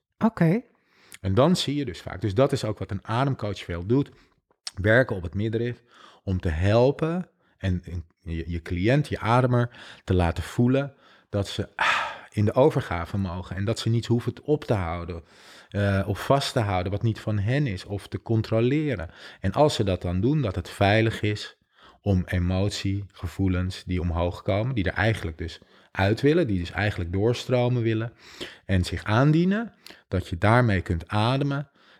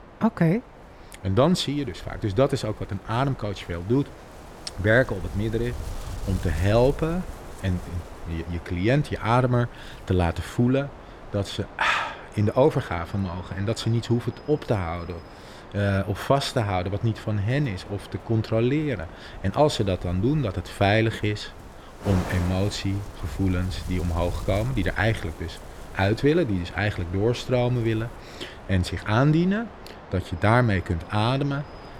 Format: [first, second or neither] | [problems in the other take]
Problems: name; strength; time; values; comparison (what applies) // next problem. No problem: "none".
first | wind noise on the microphone; occasional gusts; 15 dB below the speech